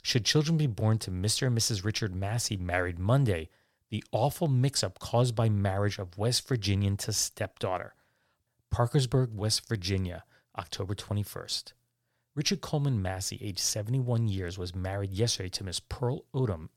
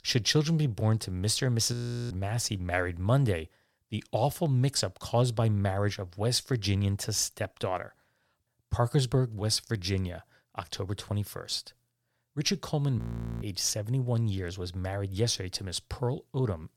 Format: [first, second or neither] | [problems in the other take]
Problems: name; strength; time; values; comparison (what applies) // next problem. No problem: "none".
first | audio freezing; at 1.5 s and at 13 s